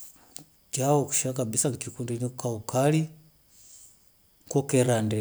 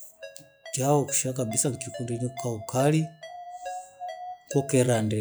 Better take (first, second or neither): first